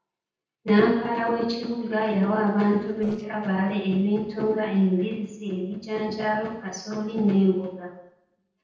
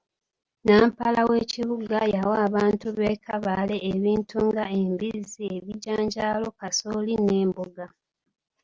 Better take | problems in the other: second | noise reduction (neural separator model SepFormer DNS4)

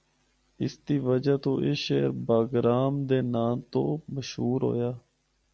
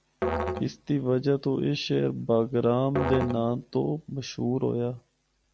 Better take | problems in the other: first | background sound (Musical instrument); 8 dB below the speech

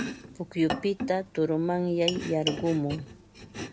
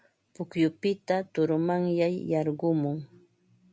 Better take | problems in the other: second | background sound (Domestic sounds, home sounds); 8 dB below the speech

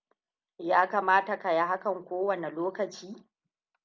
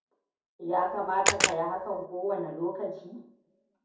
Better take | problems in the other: first | background sound (Camera); 2 dB above the speech // room echo; dies away in 0.6 s

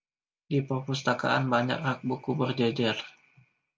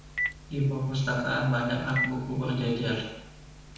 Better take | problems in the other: first | background sound (Telephone); 8 dB below the speech // room echo; dies away in 0.7 s

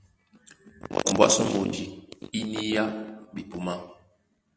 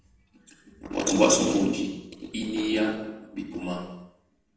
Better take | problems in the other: first | room echo; dies away in 0.7 s

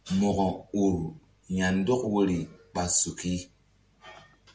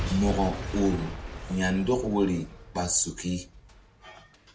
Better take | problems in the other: first | background sound (Shatter / Crushing / Boom); 8 dB below the speech

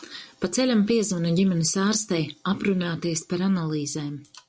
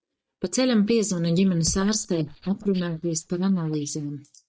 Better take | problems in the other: first | noise reduction (neural mask model DeepFilterNet 3)

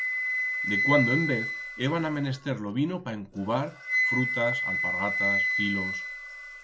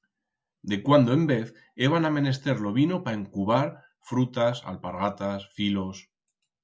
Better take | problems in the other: second | background sound (Wind instrument, woodwind instrument); 1 dB above the speech

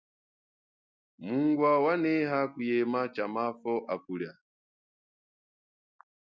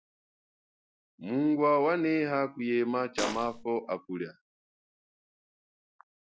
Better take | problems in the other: first | background sound (Fart); 4 dB below the speech

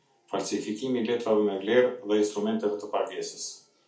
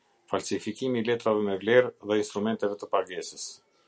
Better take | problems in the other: second | room echo; dies away in 0.4 s

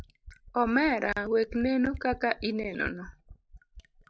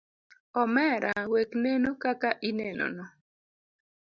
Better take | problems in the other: second | background sound (Fill (with liquid)); 17 dB below the speech

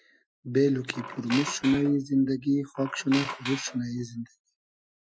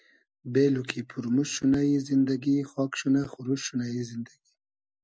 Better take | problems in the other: second | noise reduction (classical method Wiener filter)

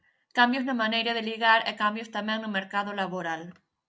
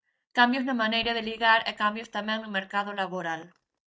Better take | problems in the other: first | noise reduction (neural mask model DeepFilterNet 3)

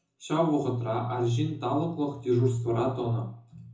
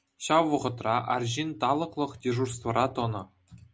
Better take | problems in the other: second | room echo; dies away in 0.5 s

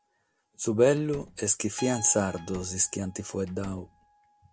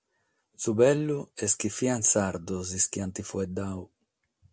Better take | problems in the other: second | background sound (Keyboard (musical) + Slam); 19 dB below the speech

